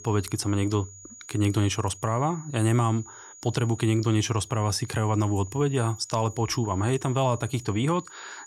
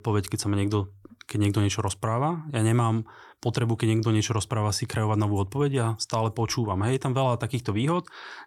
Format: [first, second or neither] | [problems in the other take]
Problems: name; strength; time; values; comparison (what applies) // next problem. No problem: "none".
second | high-pitched whine; noticeable; throughout; 7 kHz, 20 dB below the speech